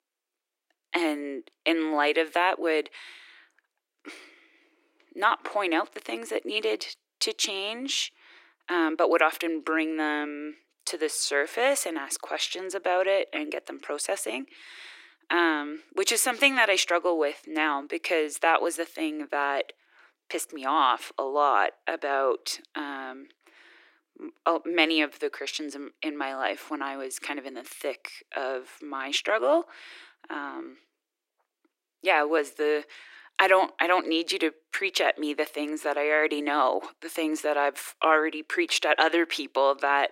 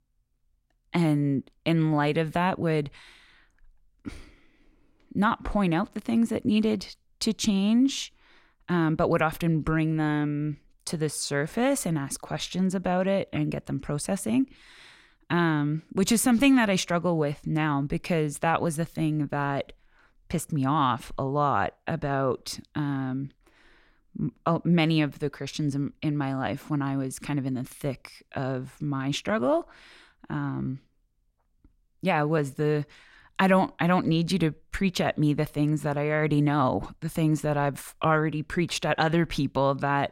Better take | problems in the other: second | thin; very; fading below 350 Hz

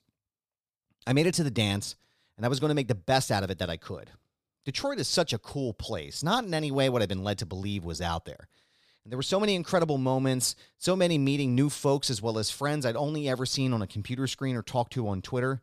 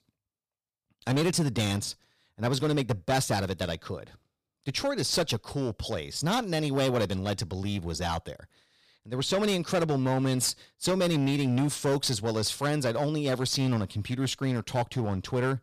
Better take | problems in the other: first | distortion; slight; 9% of the sound clipped

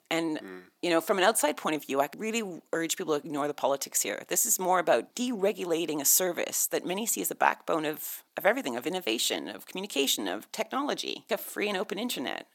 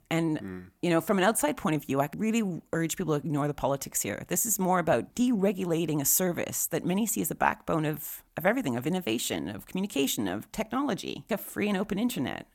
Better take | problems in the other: second | thin; somewhat; fading below 400 Hz

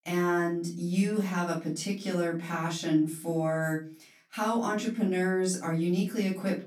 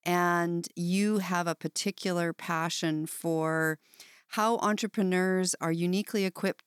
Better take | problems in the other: second | off-mic speech; far // room echo; slight; dies away in 0.4 s

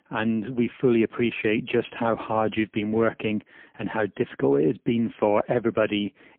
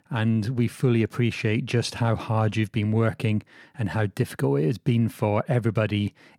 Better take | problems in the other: second | phone-call audio; poor line; nothing above 3.5 kHz

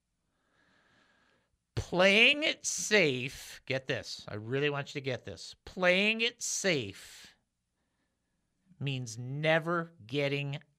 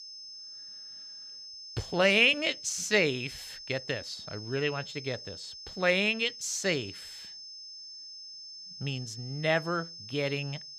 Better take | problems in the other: first | high-pitched whine; noticeable; throughout; 5 kHz, 15 dB below the speech

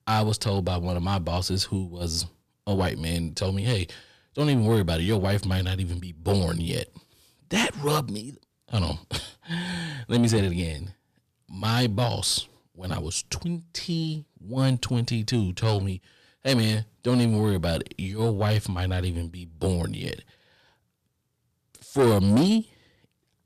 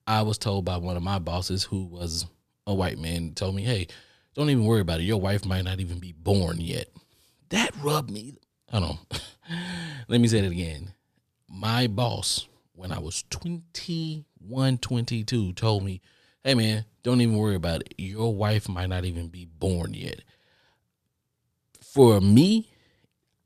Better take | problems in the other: second | distortion; slight; 10 dB below the speech

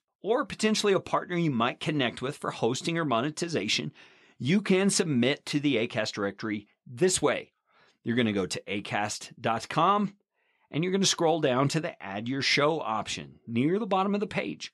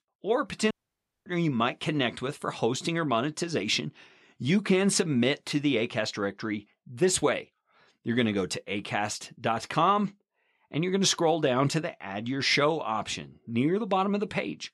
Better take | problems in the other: first | audio cutting out; at 0.5 s for 0.5 s

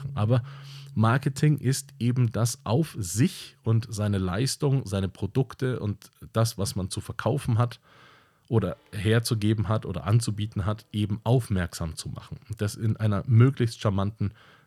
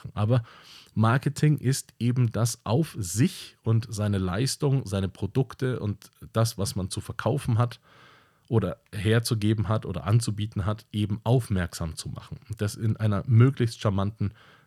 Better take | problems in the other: second | background music; noticeable; throughout; 20 dB below the speech

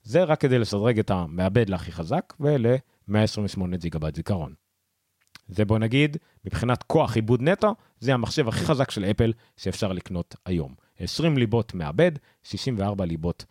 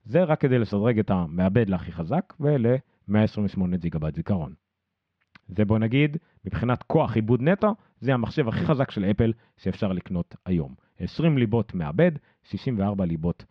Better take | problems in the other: first | muffled; slightly; fading above 3 kHz

